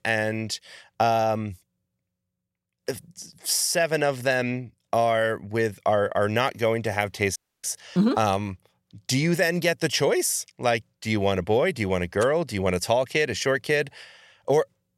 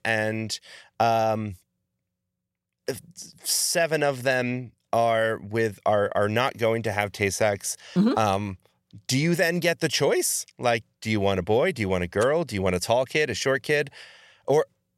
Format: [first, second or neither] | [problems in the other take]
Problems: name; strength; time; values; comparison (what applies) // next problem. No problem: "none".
second | audio cutting out; at 7.5 s